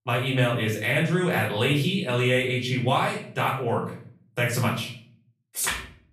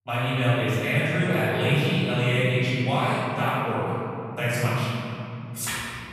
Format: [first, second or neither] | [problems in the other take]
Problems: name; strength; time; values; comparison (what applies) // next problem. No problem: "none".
first | room echo; strong; dies away in 3 s; slight in the first // off-mic speech; far; far in the first